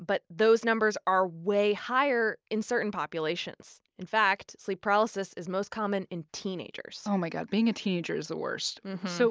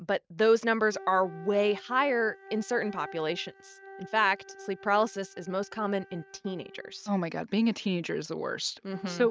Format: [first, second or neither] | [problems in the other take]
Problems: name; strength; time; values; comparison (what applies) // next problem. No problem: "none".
first | noise reduction (neural mask model RNNoise)